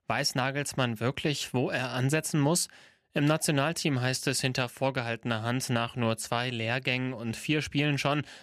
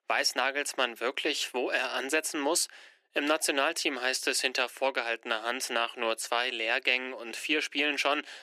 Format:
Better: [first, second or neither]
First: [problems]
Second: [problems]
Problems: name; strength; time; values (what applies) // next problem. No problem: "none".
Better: first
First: none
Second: thin; somewhat; fading below 300 Hz